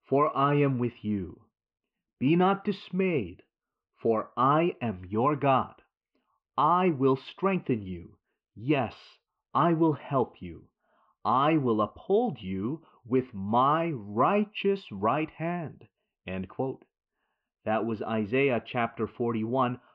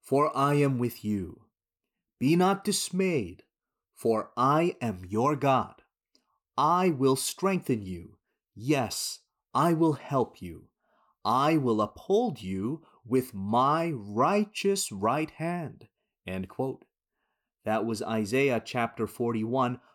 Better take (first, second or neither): second